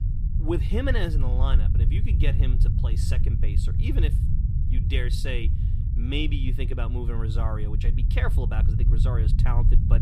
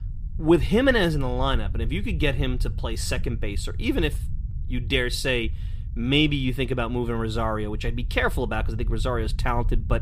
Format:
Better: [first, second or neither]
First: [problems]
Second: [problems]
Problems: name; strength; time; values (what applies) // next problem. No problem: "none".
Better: second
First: low rumble; loud; throughout; 6 dB below the speech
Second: low rumble; faint; throughout; 25 dB below the speech